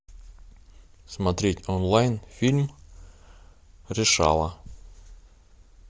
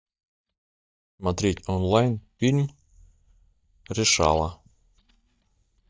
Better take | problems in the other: first | noise reduction (neural mask model DeepFilterNet 3)

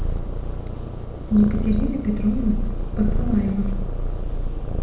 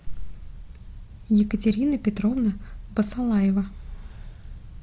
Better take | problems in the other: second | background sound (Purr); 1 dB above the speech // room echo; dies away in 0.8 s

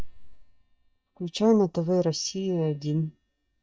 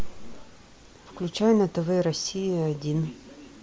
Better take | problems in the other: second | noise reduction (neural mask model DeepFilterNet 3)

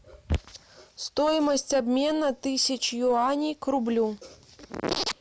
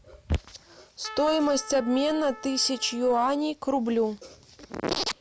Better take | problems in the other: first | background sound (Trumpet); 18 dB below the speech

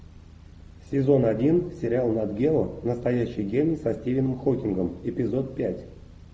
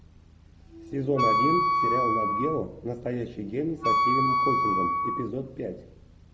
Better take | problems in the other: first | background sound (Wind instrument, woodwind instrument); 5 dB above the speech

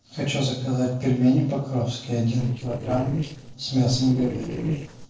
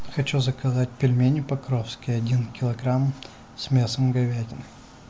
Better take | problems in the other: second | noise reduction (neural separator model SepFormer DNS4)

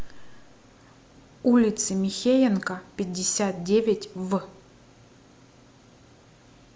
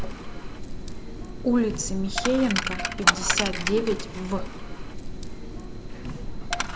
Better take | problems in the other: first | background sound (Coin (dropping)); as loud as the speech

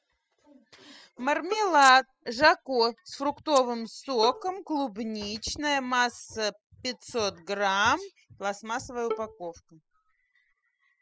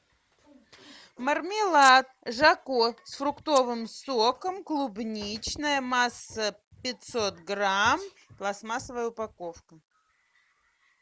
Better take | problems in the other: second | noise reduction (classical method spectral subtraction)

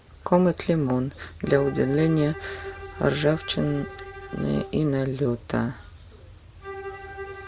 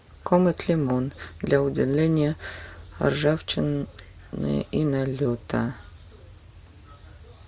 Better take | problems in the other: second | background sound (Bowed string instrument); 15 dB below the speech

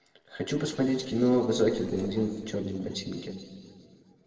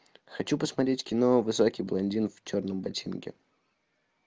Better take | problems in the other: second | noise reduction (neural separator model SepFormer DNS4)

